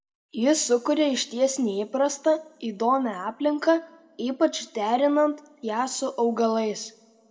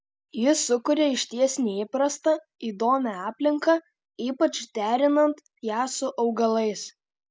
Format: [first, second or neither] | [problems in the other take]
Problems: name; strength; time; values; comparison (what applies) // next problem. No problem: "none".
second | room echo; dies away in 1.1 s